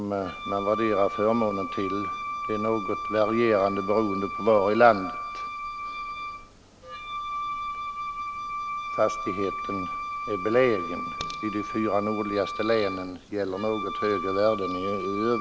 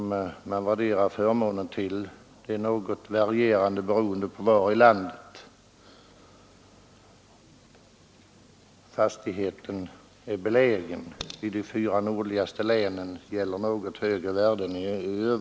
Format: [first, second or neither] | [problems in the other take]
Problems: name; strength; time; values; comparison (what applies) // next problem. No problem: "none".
second | background sound (Wind instrument, woodwind instrument); 6 dB below the speech